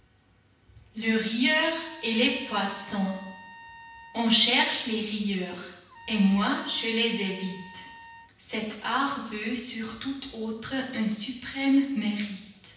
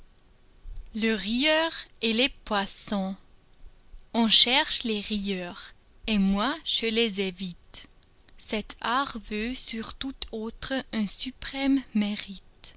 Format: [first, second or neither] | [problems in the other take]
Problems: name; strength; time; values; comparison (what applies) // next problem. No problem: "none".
second | background sound (Trumpet); 19 dB below the speech // room echo; dies away in 0.9 s